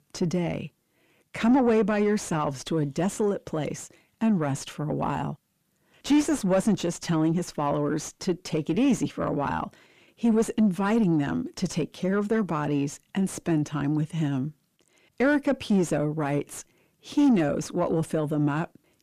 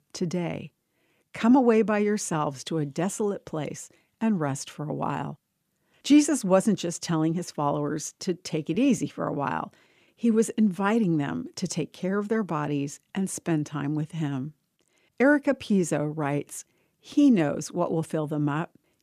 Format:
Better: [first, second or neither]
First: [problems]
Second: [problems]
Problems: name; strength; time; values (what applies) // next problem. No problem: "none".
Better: second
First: distortion; slight; 10 dB below the speech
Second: none